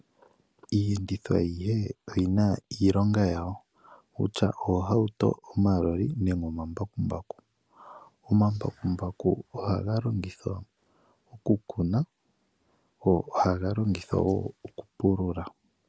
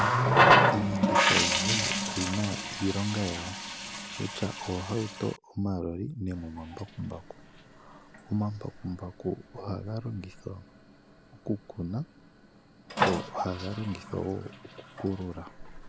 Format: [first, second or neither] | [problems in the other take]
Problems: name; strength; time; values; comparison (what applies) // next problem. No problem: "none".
first | background sound (Water tap, faucet); 4 dB above the speech